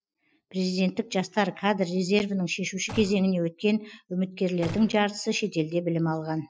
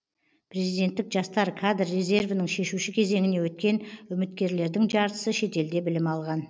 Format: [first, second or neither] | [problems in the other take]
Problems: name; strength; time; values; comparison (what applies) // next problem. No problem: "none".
second | noise reduction (classical method Wiener filter)